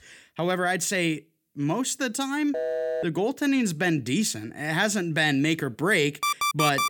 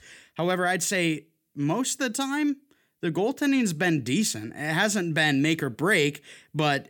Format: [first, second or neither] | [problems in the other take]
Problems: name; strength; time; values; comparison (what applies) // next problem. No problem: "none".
second | phone ringing; noticeable; at 2.5 s; peak 2 dB below the speech // alarm; loud; at 6 s; peak 1 dB above the speech